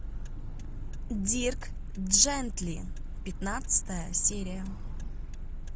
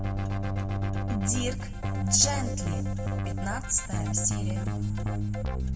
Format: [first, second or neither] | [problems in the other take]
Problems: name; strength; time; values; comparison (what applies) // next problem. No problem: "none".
first | background sound (Keyboard (musical)); 1 dB above the speech // room echo; dies away in 0.8 s